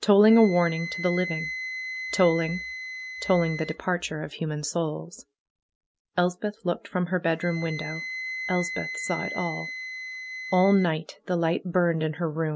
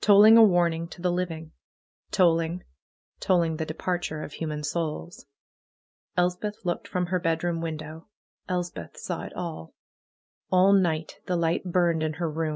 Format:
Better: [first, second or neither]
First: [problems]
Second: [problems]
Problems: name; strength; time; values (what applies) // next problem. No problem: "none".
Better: second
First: background sound (Wind instrument, woodwind instrument); 11 dB below the speech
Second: none